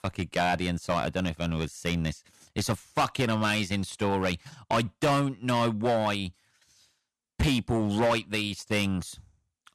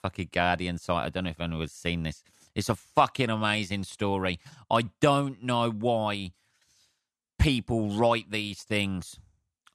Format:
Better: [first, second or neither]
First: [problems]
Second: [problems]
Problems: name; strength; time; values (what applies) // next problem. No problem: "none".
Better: second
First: distortion; heavy; 7% of the sound clipped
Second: none